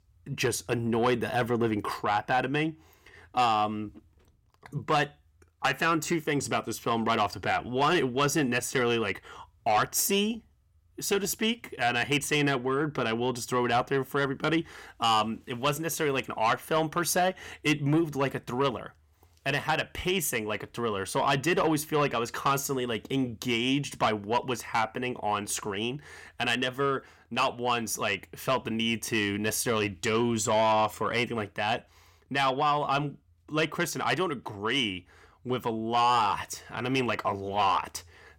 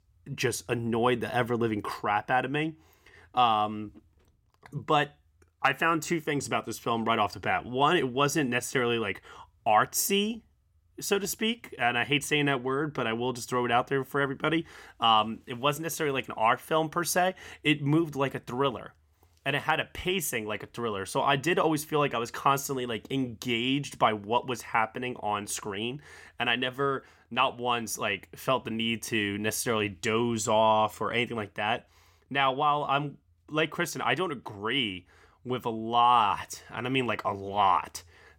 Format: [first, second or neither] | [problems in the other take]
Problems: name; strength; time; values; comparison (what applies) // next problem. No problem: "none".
second | distortion; slight; 10 dB below the speech